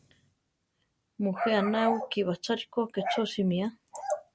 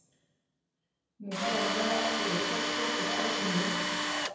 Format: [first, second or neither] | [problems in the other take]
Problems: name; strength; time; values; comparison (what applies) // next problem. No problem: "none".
first | background sound (Tools); 4 dB above the speech // room echo; dies away in 1.2 s